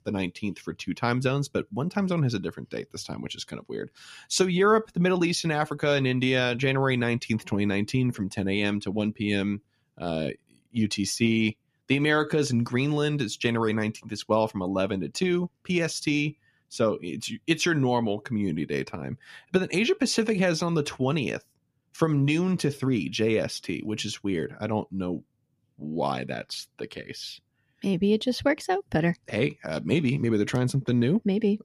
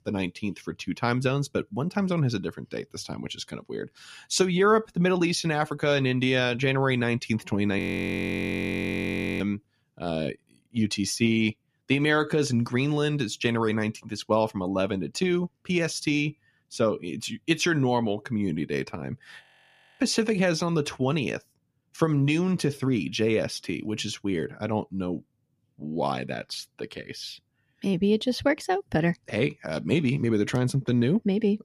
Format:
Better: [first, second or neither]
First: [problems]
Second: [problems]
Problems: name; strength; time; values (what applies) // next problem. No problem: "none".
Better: first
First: none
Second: audio freezing; at 8 s for 1.5 s and at 19 s for 0.5 s